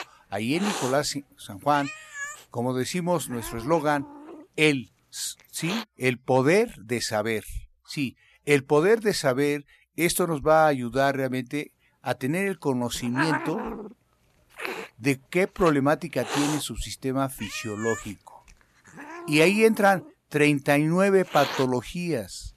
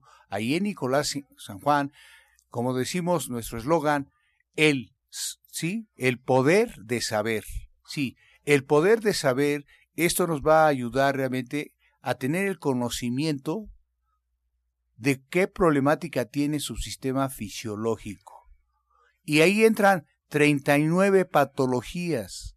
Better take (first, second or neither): second